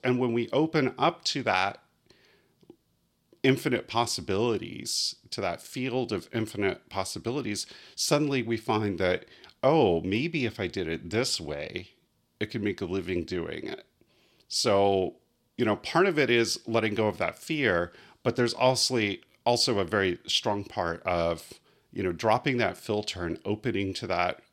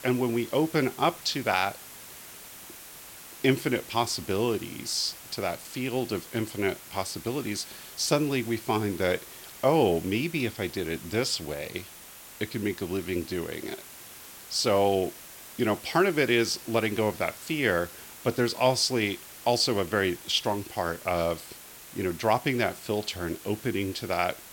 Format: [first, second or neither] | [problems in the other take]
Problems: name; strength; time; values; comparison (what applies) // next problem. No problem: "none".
first | hiss; noticeable; throughout; 15 dB below the speech